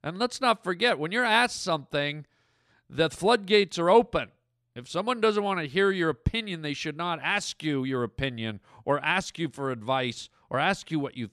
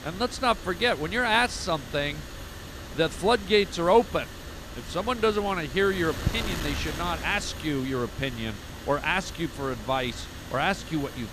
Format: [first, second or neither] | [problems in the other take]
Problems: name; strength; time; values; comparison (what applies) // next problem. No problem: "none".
first | wind noise on the microphone; occasional gusts; 15 dB below the speech